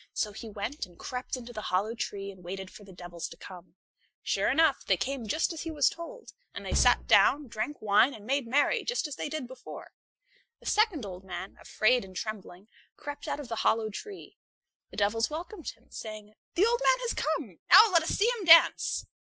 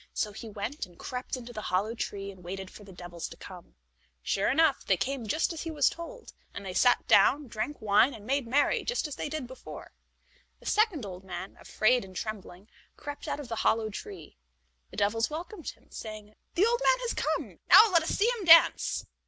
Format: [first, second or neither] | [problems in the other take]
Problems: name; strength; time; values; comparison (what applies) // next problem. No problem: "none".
second | noise reduction (classical method Wiener filter)